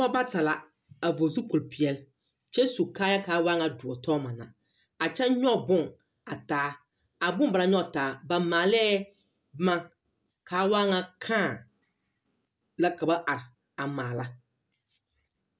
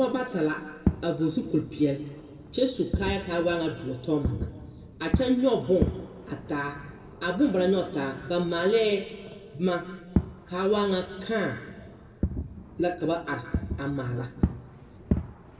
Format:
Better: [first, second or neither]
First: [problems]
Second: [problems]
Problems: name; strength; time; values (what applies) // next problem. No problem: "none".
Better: first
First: none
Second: background sound (Fireworks); 6 dB below the speech // room echo; dies away in 1.4 s